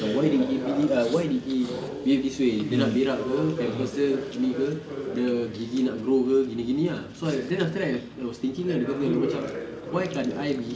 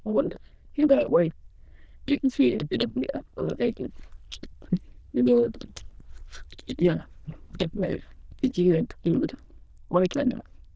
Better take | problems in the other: first | noise reduction (neural diffusion model UNIVERSE++)

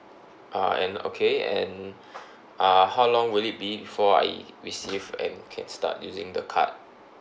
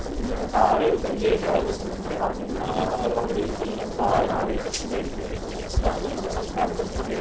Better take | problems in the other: first | noise reduction (neural separator model SepFormer DNS4)

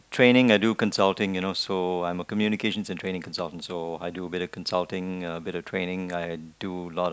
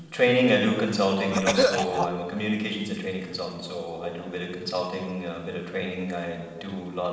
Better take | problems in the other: first | background sound (Cough); 2 dB above the speech // room echo; dies away in 1.2 s

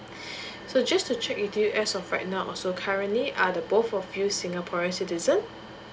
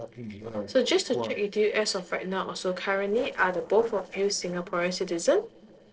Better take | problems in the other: first | noise reduction (neural separator model SepFormer DNS4)

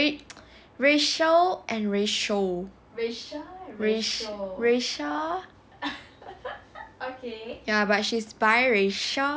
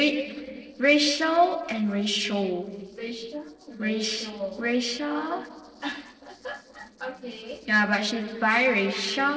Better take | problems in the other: first | noise reduction (neural separator model SepFormer DNS4)

